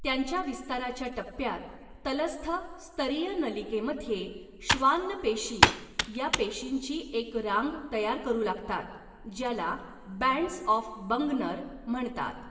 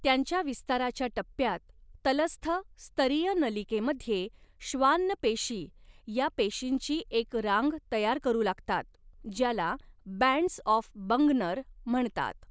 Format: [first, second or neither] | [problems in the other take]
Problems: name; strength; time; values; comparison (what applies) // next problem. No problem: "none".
second | background sound (Computer keyboard); 1 dB above the speech // room echo; dies away in 1.4 s